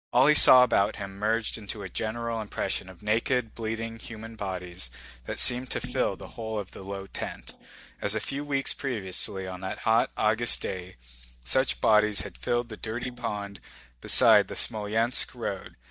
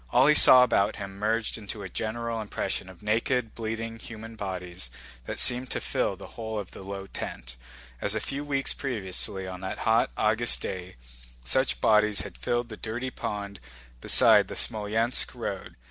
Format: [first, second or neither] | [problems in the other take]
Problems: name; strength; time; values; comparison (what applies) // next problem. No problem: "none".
second | noise reduction (neural mask model DeepFilterNet 3)